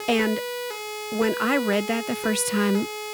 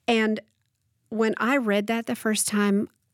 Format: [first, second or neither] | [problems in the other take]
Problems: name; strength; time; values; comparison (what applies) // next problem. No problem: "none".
second | siren; noticeable; peak 5 dB below the speech